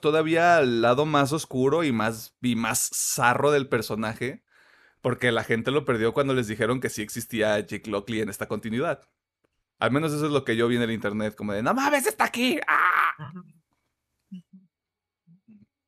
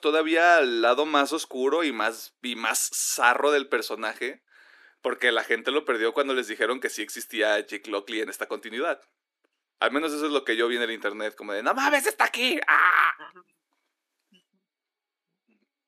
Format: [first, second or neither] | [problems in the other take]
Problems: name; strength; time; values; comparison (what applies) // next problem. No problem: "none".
first | thin; somewhat; fading below 300 Hz